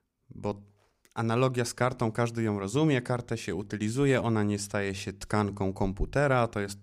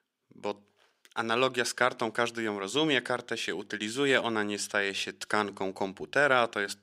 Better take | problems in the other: first | thin; somewhat; fading below 300 Hz

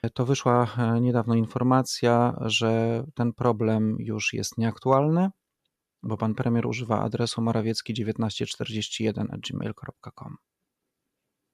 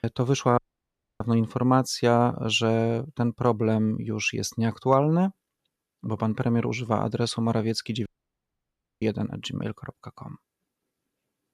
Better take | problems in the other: first | audio cutting out; at 0.5 s for 0.5 s and at 8 s for 1 s

